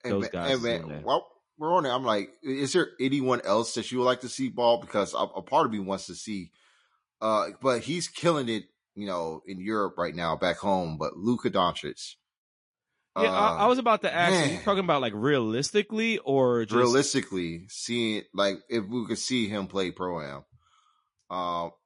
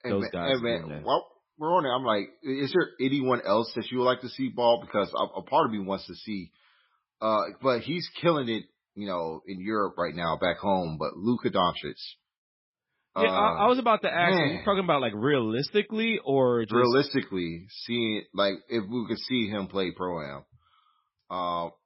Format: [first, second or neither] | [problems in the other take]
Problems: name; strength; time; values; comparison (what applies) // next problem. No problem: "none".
first | garbled, watery; badly; nothing above 5.5 kHz; slightly in the first